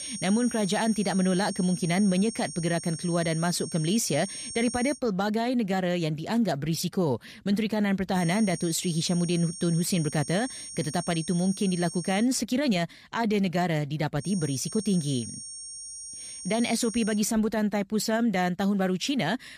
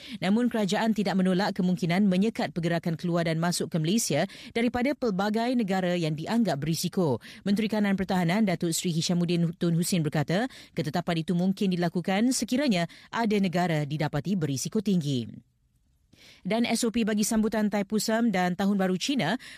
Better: second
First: high-pitched whine; noticeable; until 5 s, from 8 to 12 s and from 14 to 17 s; 9 kHz, 10 dB below the speech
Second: none

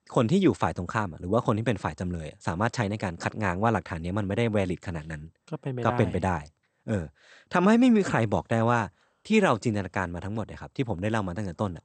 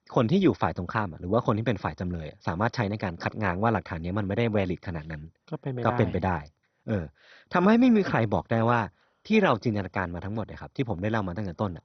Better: first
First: garbled, watery; slightly; nothing above 8.5 kHz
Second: garbled, watery; badly; nothing above 6 kHz

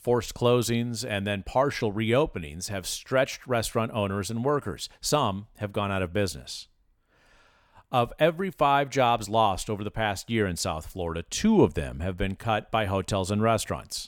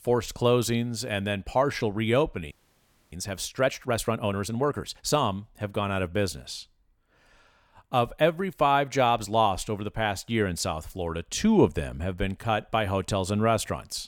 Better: first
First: none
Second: audio freezing; at 2.5 s for 0.5 s

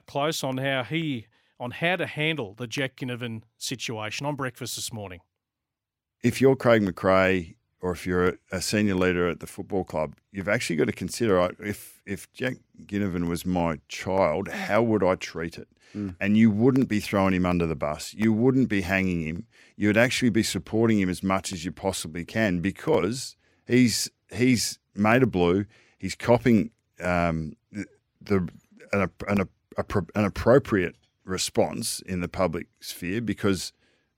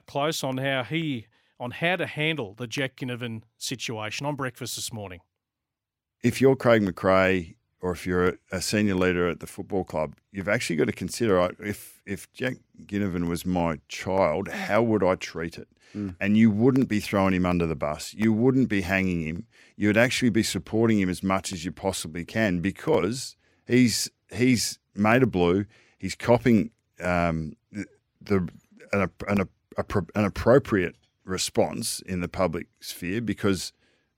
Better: neither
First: none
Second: none

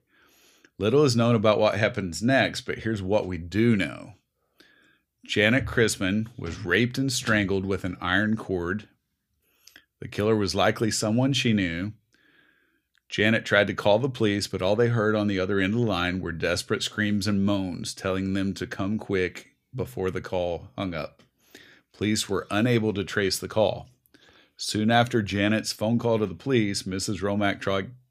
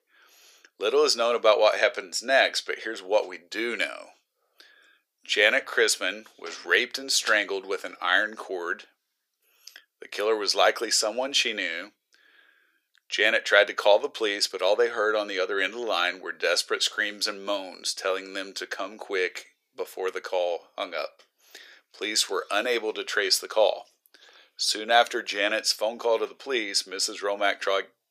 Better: first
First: none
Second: thin; very; fading below 450 Hz

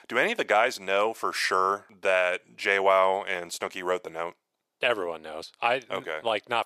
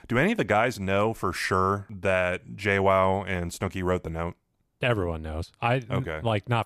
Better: second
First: thin; very; fading below 500 Hz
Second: none

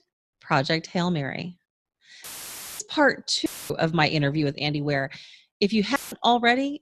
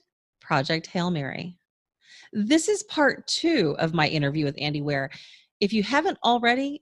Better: second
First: audio cutting out; filled with static; at 2 s for 0.5 s, at 3.5 s and at 6 s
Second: none

